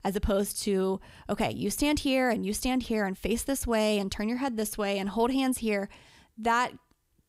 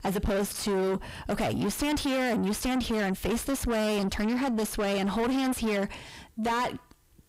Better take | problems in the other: first | distortion; heavy; 6 dB below the speech

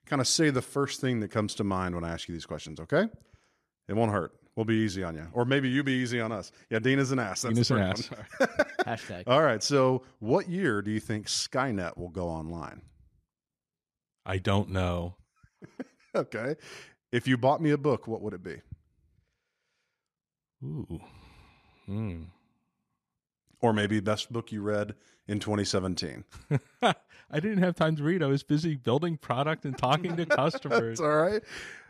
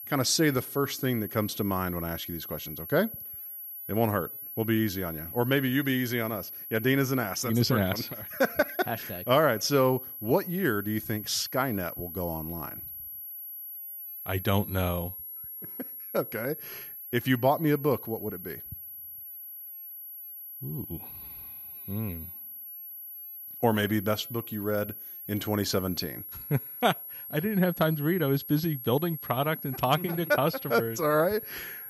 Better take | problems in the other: first | high-pitched whine; loud; throughout; 11.5 kHz, 10 dB below the speech

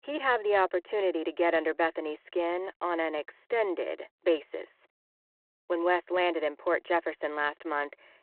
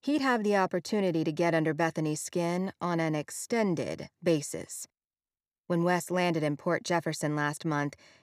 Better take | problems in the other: second | phone-call audio

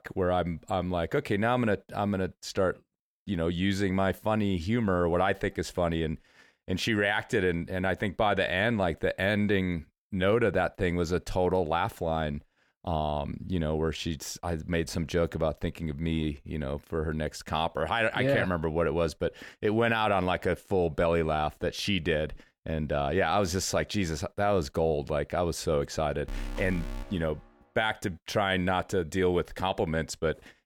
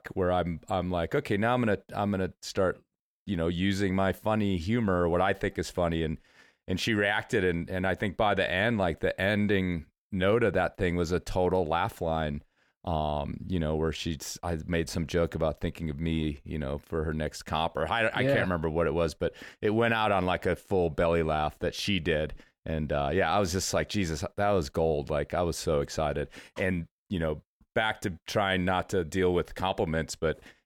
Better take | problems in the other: second | alarm; faint; from 26 to 27 s; peak 10 dB below the speech

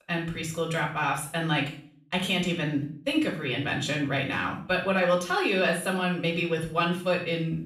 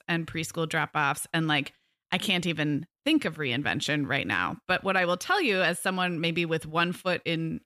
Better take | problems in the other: second | off-mic speech; far // room echo; noticeable; dies away in 0.4 s

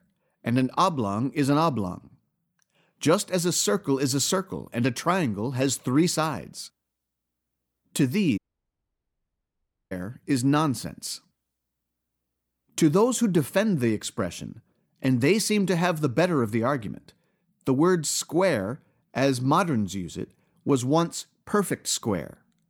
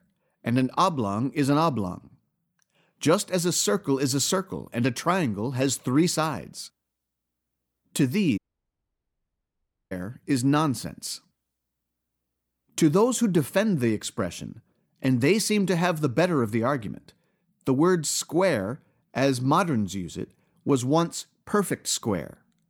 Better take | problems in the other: neither | audio cutting out; at 8.5 s for 1.5 s; the same in both

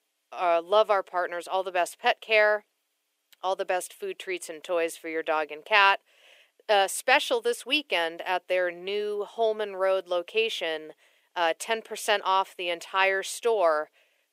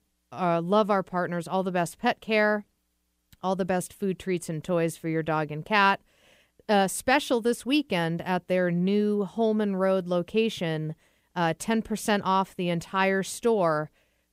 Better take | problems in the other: second | thin; very; fading below 400 Hz

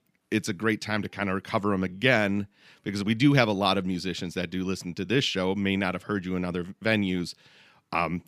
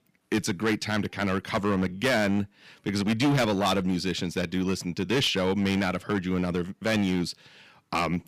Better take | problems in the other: first | distortion; heavy; 9% of the sound clipped

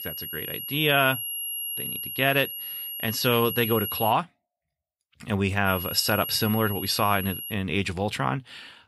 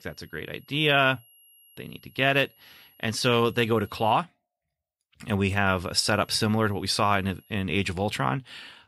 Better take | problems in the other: second | high-pitched whine; loud; until 4 s and from 5.5 to 7.5 s; 11.5 kHz, 6 dB below the speech; faint in the second

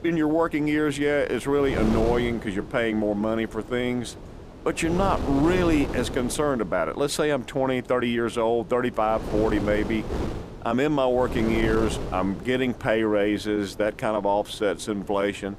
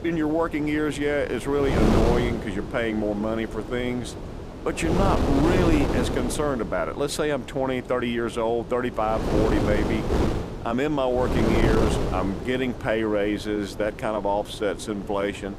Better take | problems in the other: first | wind noise on the microphone; heavy; 4 dB below the speech; occasional gusts in the first

